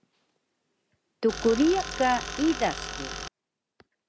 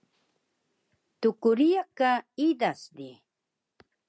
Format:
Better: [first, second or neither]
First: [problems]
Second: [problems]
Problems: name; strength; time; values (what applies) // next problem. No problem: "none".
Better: second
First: background sound (Tools); 7 dB below the speech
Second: none